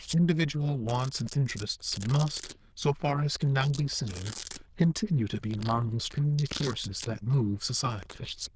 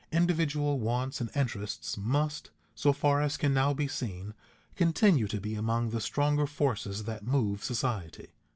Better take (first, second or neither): second